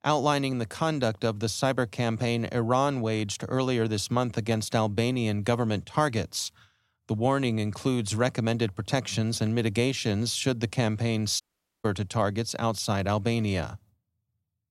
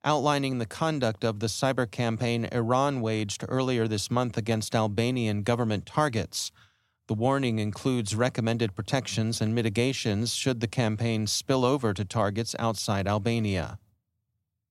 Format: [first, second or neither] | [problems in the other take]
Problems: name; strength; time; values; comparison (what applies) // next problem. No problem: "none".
second | audio cutting out; at 11 s